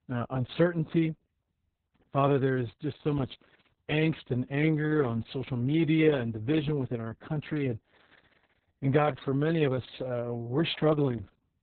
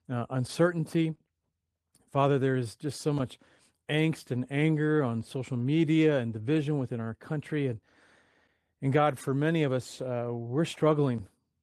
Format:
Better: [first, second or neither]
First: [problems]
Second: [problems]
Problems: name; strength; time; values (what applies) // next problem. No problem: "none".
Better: second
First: garbled, watery; badly; nothing above 4 kHz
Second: garbled, watery; slightly; nothing above 14 kHz